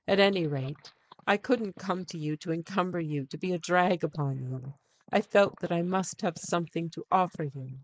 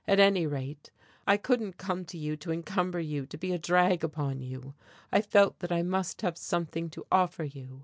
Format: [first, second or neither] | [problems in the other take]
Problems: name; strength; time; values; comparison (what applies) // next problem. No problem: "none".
second | noise reduction (neural mask model Resemble Enhance denoiser)